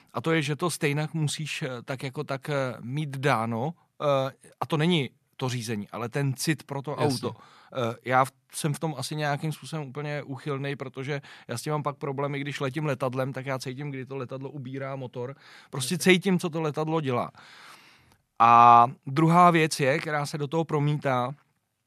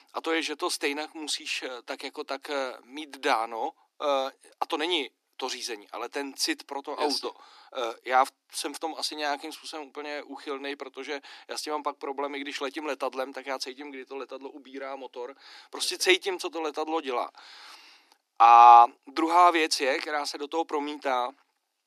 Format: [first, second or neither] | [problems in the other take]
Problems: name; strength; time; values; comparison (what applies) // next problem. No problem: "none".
first | thin; very; fading below 300 Hz